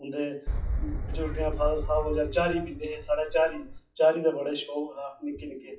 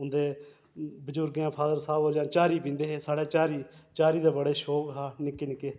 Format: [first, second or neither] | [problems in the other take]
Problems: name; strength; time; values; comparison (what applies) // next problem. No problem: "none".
second | noise reduction (classical method WPE with log-MMSE)